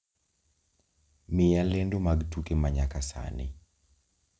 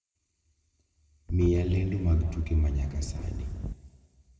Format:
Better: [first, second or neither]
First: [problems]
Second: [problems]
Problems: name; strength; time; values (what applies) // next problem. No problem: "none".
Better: first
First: none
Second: background sound (Wind); 7 dB below the speech // room echo; dies away in 2.1 s